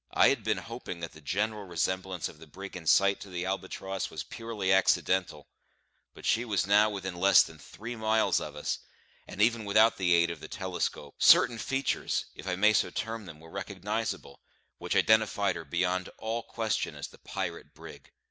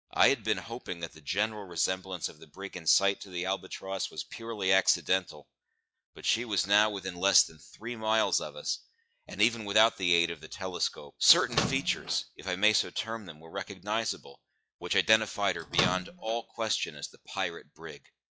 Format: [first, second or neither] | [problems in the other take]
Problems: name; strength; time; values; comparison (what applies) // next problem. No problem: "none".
first | noise reduction (classical method log-MMSE)